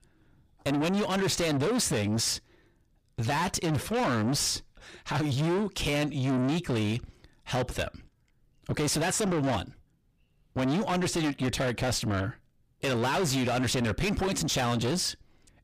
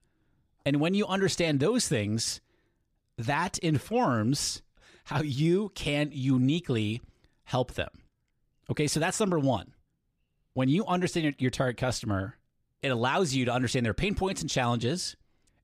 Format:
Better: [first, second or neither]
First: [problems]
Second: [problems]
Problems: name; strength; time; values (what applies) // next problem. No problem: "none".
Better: second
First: distortion; heavy; 6 dB below the speech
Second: none